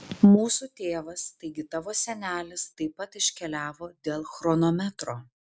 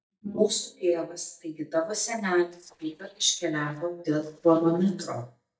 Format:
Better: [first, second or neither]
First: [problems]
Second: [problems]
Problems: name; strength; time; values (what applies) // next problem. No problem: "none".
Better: first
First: none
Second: noise reduction (neural mask model DeepFilterNet 3)